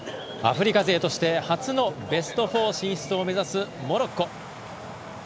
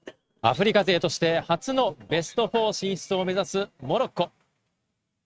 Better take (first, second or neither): first